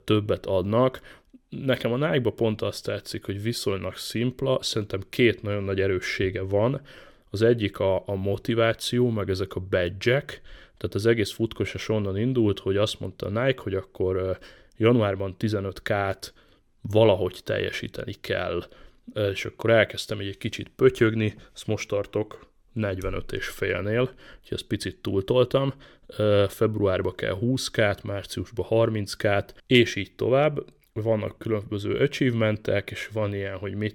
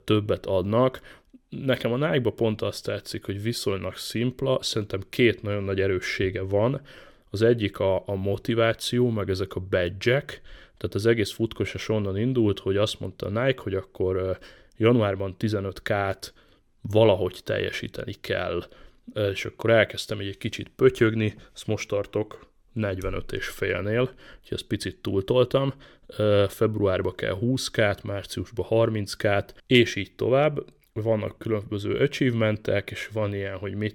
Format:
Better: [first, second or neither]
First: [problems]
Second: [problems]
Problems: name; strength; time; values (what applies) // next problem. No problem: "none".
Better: neither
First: none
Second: none